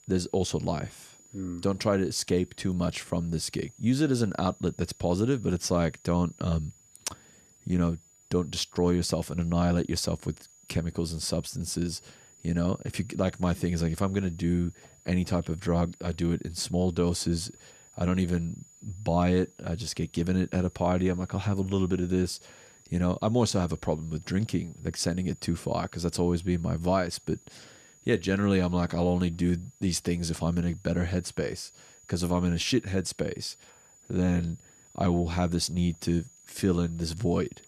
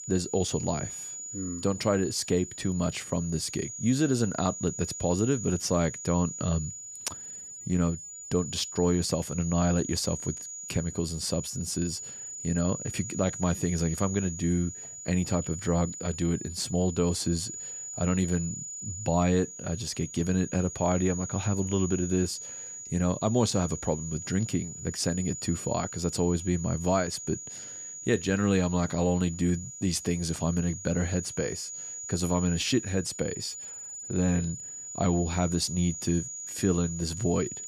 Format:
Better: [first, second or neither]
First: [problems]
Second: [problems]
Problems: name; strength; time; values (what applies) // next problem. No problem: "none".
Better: first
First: high-pitched whine; faint; throughout; 7 kHz, 25 dB below the speech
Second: high-pitched whine; loud; throughout; 7 kHz, 8 dB below the speech